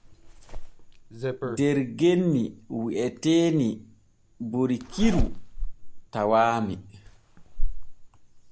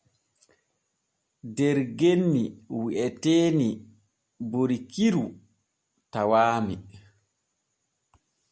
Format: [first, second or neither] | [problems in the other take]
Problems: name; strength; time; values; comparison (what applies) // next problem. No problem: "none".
second | background sound (Zipper (clothing)); 3 dB below the speech